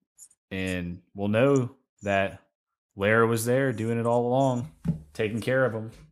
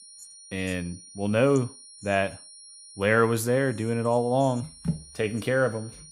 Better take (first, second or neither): first